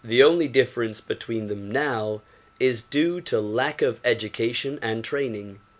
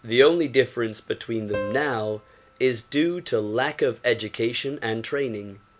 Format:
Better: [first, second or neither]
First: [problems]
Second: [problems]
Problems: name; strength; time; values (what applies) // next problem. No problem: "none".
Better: first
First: none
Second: background sound (Piano); 14 dB below the speech